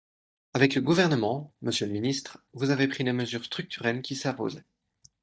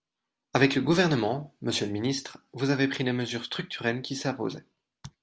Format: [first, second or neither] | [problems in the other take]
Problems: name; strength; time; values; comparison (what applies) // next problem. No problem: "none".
second | noise reduction (neural mask model DeepFilterNet 3)